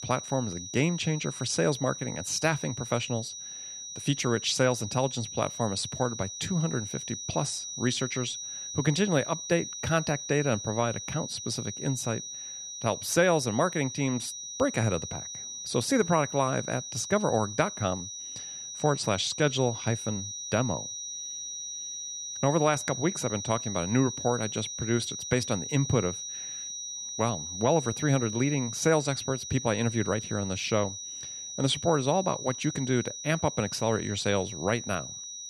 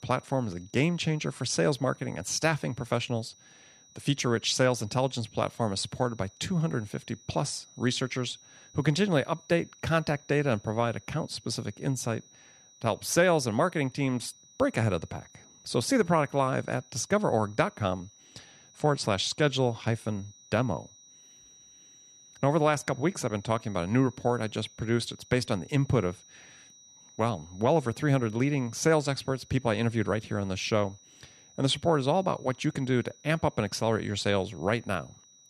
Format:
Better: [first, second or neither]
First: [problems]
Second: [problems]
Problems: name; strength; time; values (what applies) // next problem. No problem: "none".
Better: second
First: high-pitched whine; loud; throughout; 6 kHz, 7 dB below the speech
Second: high-pitched whine; faint; throughout; 6 kHz, 25 dB below the speech